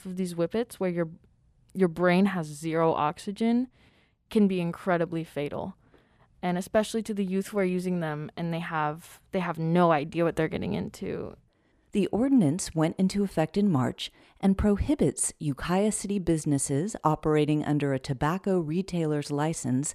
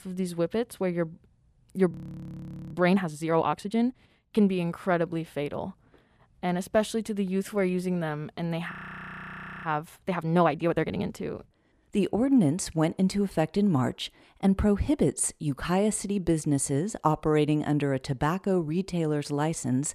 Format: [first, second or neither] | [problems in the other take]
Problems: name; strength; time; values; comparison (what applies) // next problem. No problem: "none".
first | audio freezing; at 2 s for 1 s and at 8.5 s for 1 s